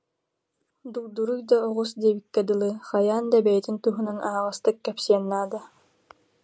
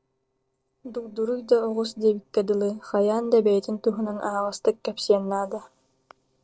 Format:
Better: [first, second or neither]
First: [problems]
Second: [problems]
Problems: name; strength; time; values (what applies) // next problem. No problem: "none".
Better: first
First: none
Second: noise reduction (neural separator model SepFormer DNS4)